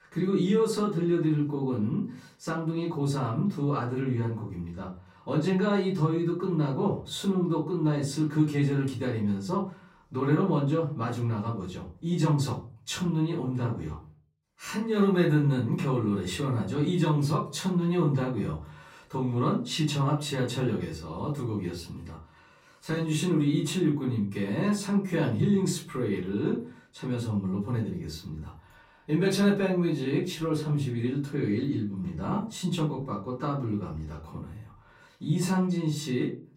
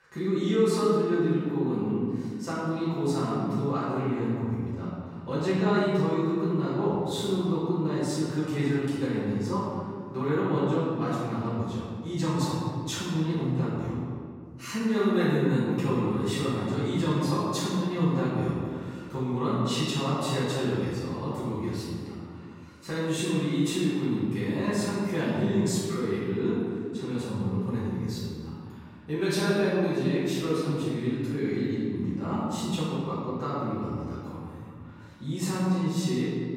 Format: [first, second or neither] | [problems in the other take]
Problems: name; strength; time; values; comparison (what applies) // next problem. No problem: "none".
first | room echo; strong; dies away in 1.9 s; slight in the first // off-mic speech; far; far in the first